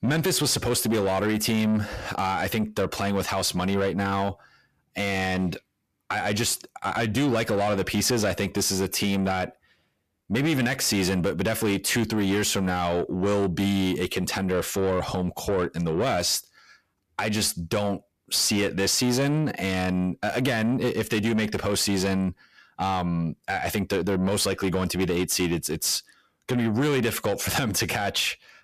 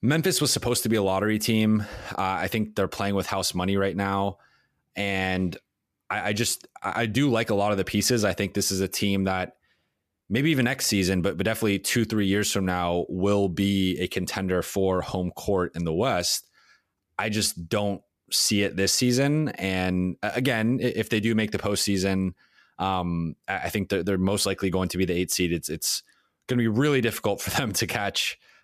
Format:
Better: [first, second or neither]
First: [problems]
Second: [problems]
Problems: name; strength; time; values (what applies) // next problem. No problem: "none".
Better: second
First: distortion; slight; 10 dB below the speech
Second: none